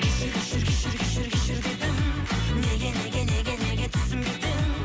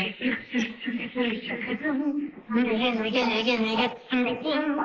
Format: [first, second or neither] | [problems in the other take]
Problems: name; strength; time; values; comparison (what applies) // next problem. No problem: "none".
first | noise reduction (neural mask model Resemble Enhance denoiser)